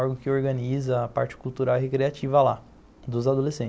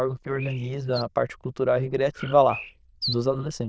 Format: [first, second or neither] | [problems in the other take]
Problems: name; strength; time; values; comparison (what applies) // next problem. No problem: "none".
first | noise reduction (neural diffusion model UNIVERSE++)